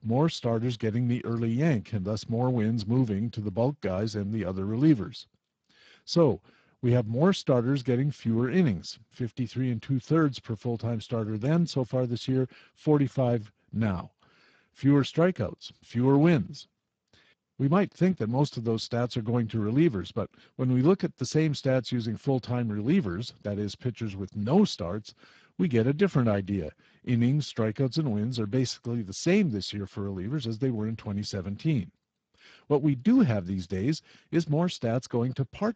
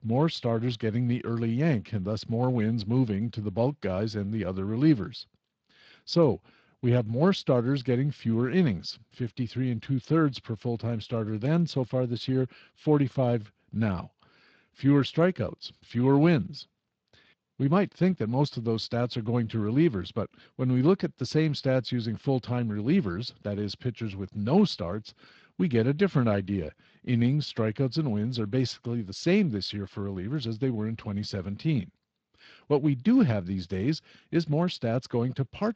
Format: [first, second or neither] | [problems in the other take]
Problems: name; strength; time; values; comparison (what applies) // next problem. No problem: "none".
second | garbled, watery; badly; nothing above 7.5 kHz; slightly in the second